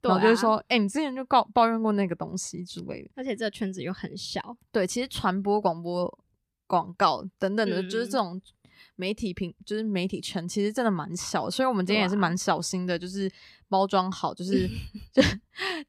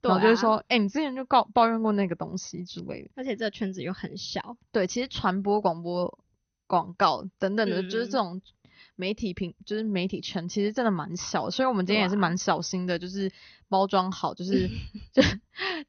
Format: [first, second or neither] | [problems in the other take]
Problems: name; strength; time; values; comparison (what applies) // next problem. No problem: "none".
first | garbled, watery; slightly; nothing above 6.5 kHz